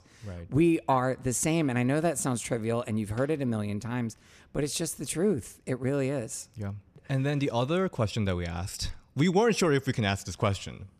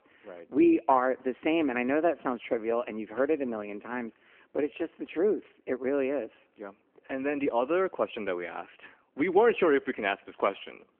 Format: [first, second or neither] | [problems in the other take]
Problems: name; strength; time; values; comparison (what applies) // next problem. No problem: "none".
first | phone-call audio